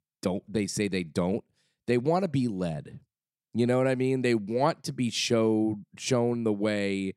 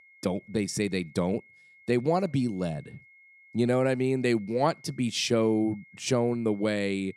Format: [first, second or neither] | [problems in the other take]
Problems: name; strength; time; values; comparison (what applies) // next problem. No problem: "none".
first | high-pitched whine; faint; throughout; 2 kHz, 25 dB below the speech